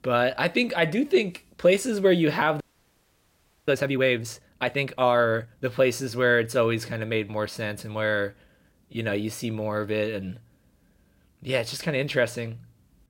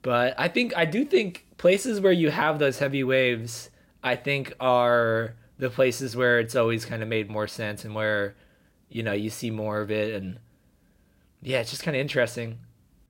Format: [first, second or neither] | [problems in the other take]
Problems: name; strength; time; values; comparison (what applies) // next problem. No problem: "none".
second | audio freezing; at 2.5 s for 1 s